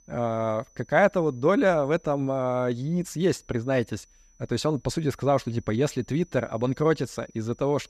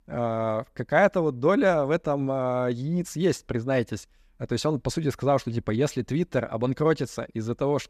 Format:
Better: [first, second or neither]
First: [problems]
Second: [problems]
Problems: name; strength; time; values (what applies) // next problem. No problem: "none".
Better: second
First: high-pitched whine; faint; throughout; 6 kHz, 30 dB below the speech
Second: none